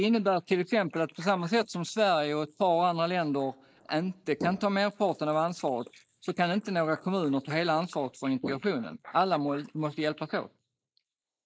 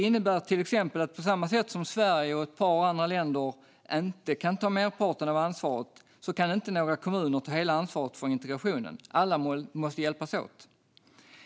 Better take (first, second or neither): second